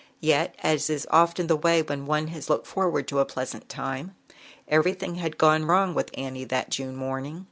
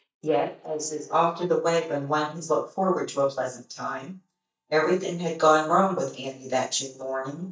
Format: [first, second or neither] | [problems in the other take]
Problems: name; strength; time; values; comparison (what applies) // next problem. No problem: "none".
first | noise reduction (neural mask model DeepFilterNet 3)